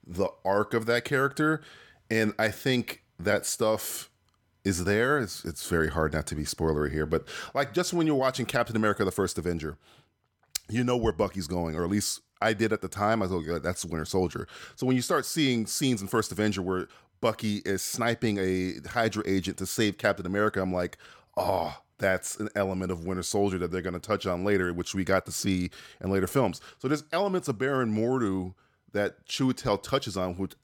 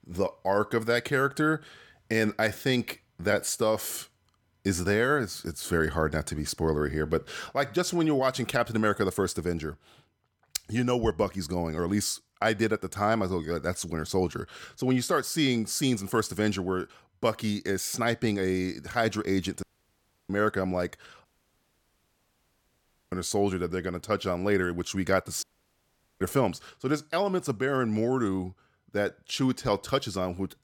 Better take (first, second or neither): first